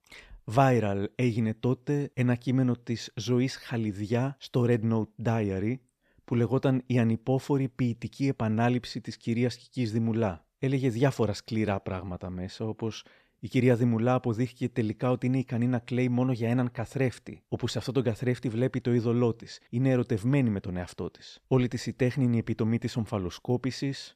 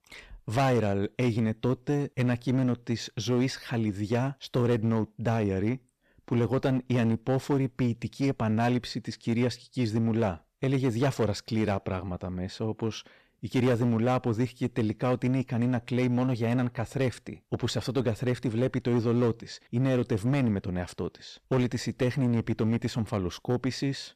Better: first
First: none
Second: distortion; slight; 10% of the sound clipped

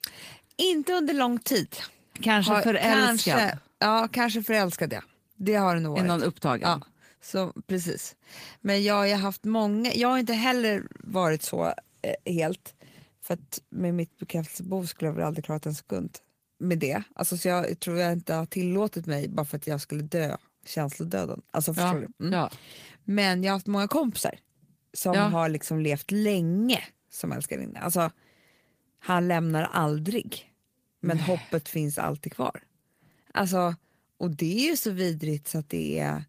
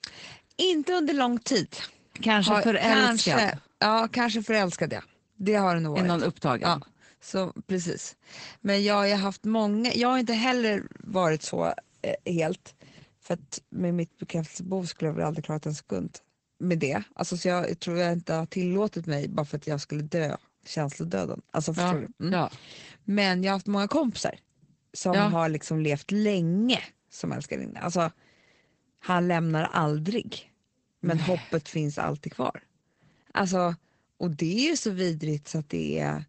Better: first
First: garbled, watery; slightly; nothing above 15 kHz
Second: garbled, watery; badly; nothing above 8 kHz

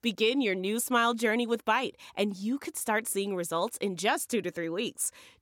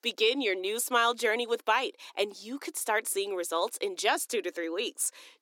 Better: first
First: none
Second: thin; somewhat; fading below 300 Hz

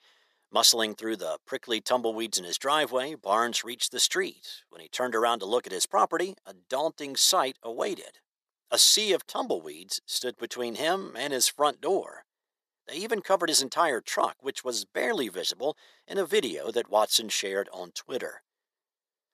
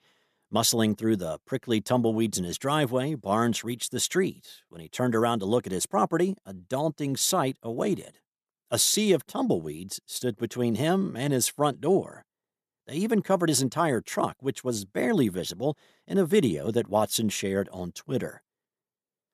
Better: second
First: thin; very; fading below 500 Hz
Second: none

